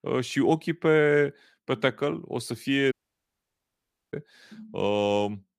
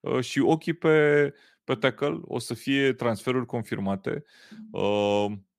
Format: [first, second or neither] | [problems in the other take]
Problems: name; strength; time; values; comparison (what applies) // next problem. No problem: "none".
second | audio cutting out; at 3 s for 1 s